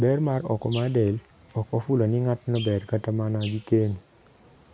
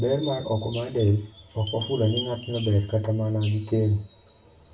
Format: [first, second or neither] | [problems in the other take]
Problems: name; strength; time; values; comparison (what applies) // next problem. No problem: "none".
first | background sound (Chime); 16 dB below the speech // room echo; dies away in 0.3 s